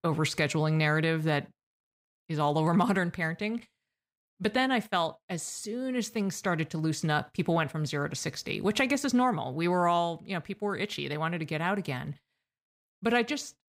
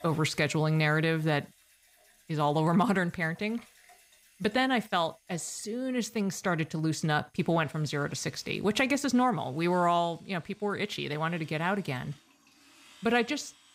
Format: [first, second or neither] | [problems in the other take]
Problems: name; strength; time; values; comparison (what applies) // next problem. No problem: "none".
first | household noises; faint; throughout; 30 dB below the speech